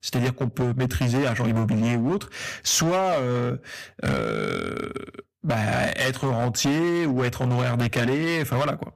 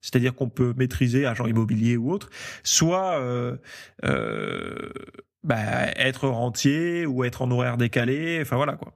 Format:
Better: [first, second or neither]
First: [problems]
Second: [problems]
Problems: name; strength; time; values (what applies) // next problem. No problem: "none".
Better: second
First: distortion; heavy; 18% of the sound clipped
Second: none